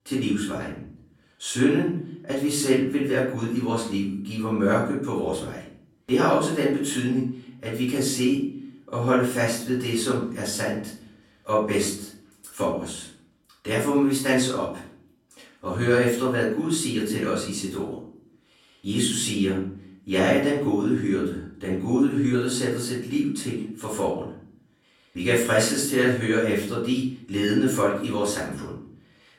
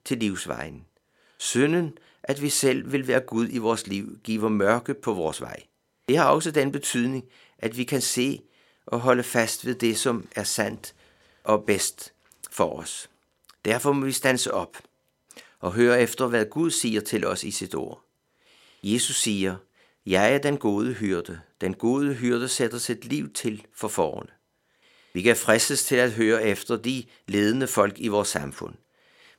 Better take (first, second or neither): second